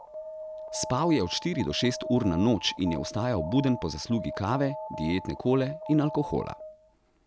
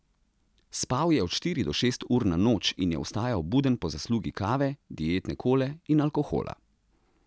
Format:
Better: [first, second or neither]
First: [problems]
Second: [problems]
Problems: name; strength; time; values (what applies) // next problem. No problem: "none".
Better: second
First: background sound (Alarm); 11 dB below the speech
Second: none